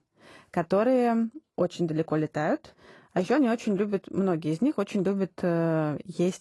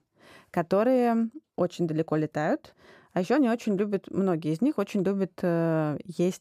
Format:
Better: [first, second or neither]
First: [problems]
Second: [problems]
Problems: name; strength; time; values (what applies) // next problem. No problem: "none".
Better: second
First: garbled, watery; slightly; nothing above 11.5 kHz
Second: none